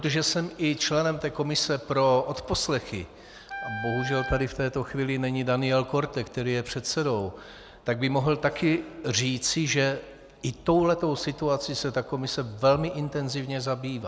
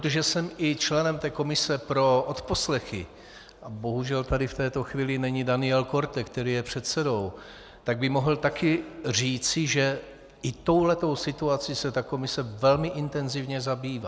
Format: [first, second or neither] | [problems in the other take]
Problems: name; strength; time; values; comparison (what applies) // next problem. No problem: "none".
second | background sound (Wind instrument, woodwind instrument); 10 dB below the speech